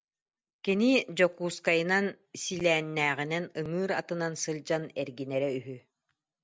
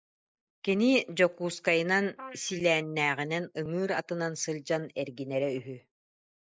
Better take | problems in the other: first | noise reduction (neural mask model Resemble Enhance denoiser)

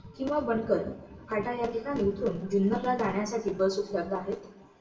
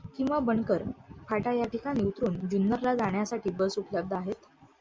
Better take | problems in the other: second | room echo; dies away in 0.7 s

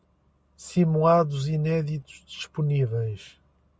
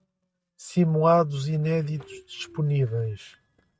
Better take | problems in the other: first | noise reduction (neural mask model RNNoise)

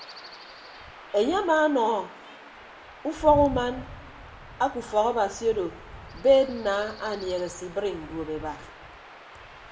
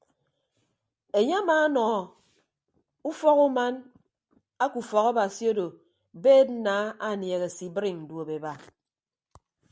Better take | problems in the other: second | background sound (Stream / Chirp, tweet / Wind); 15 dB below the speech // room echo; dies away in 0.8 s

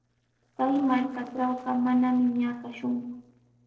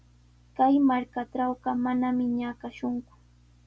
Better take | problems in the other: second | noise reduction (neural separator model SepFormer DNS4)

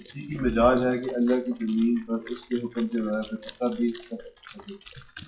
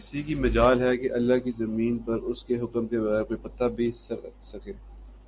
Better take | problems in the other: second | noise reduction (classical method WPE with log-MMSE)

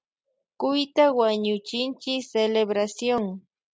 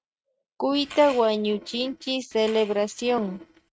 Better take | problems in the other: first | noise reduction (neural mask model RNNoise)

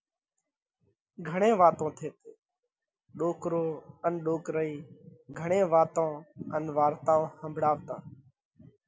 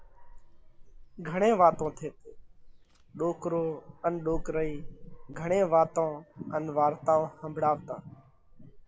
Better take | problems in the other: first | background sound (Dog); 15 dB below the speech

